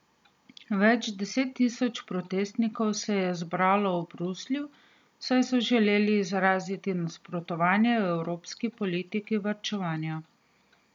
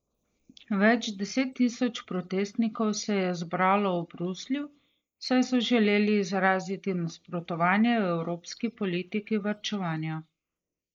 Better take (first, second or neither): first